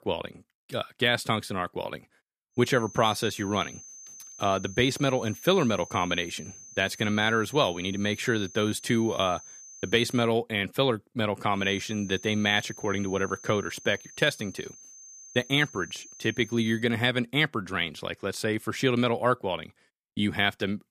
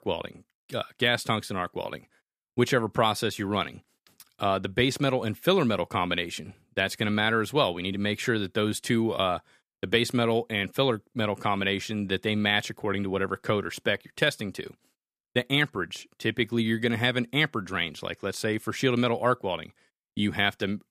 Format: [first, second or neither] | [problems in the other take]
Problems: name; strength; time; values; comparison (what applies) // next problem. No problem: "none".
second | high-pitched whine; noticeable; from 2.5 to 10 s and from 12 to 17 s; 6.5 kHz, 15 dB below the speech